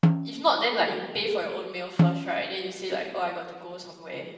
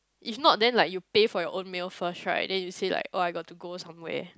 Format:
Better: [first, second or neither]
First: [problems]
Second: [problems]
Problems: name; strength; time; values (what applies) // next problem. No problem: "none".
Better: second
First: background sound (Snare drum); 1 dB above the speech // room echo; dies away in 1.1 s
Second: none